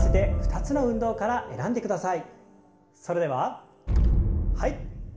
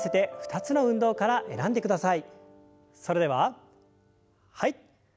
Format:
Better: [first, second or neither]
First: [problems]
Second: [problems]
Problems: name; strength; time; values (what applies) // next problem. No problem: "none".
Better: second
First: background sound (Explosion); 2 dB above the speech // room echo; dies away in 2 s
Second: none